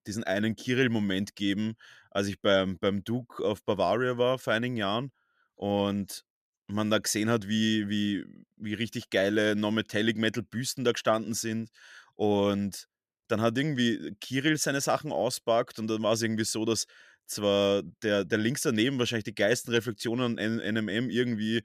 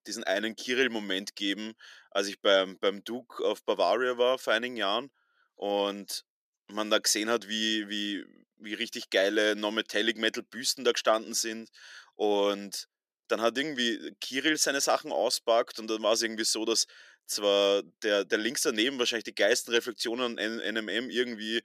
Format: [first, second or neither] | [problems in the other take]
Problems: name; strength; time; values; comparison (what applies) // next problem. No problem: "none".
first | thin; somewhat; fading below 300 Hz